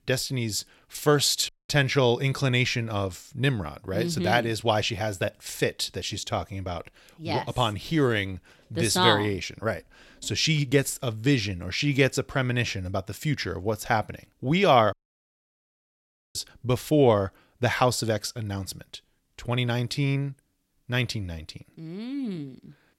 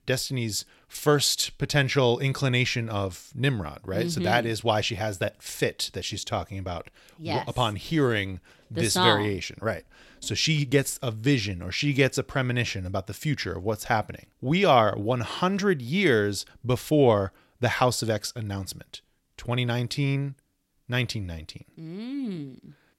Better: second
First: audio cutting out; at 1.5 s and at 15 s for 1.5 s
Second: none

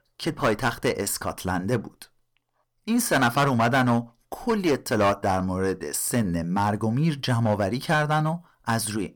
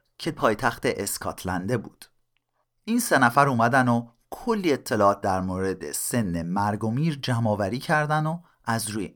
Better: second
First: distortion; slight; 5% of the sound clipped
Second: none

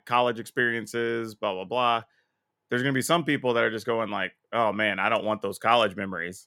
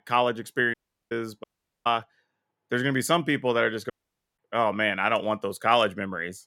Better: first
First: none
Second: audio cutting out; at 0.5 s, at 1.5 s and at 4 s

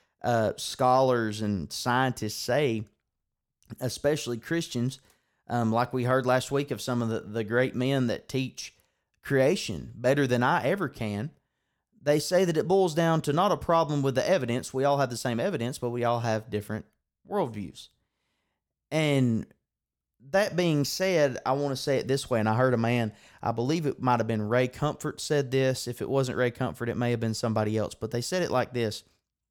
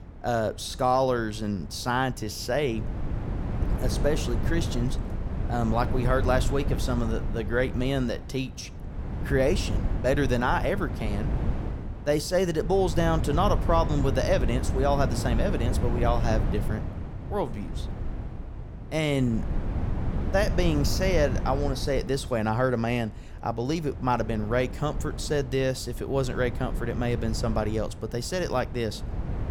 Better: first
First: none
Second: wind noise on the microphone; occasional gusts; 10 dB below the speech

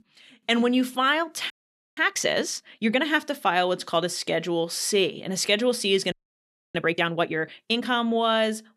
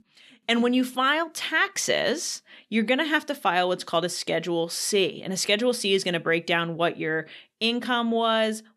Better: second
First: audio freezing; at 1.5 s and at 6 s for 0.5 s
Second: none

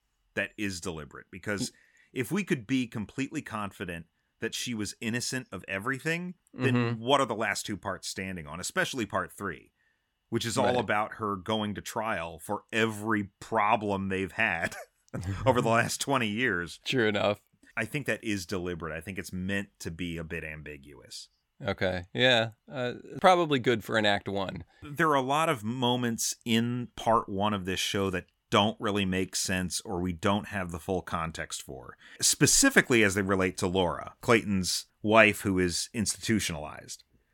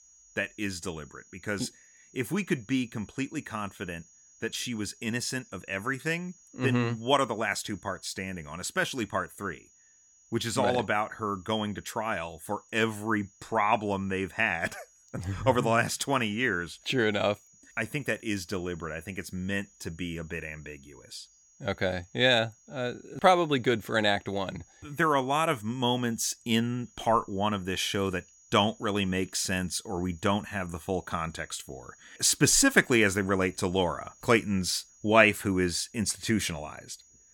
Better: first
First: none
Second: high-pitched whine; faint; throughout; 6.5 kHz, 30 dB below the speech

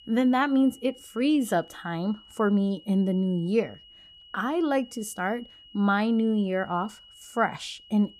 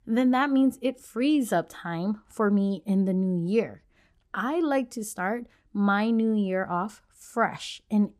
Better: second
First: high-pitched whine; faint; throughout; 3 kHz, 25 dB below the speech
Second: none

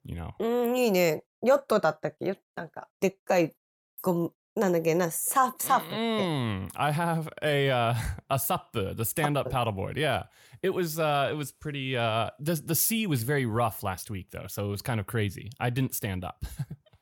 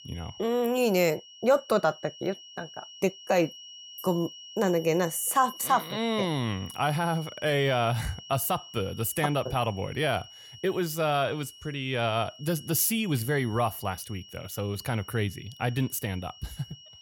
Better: first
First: none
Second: high-pitched whine; noticeable; throughout; 3 kHz, 15 dB below the speech

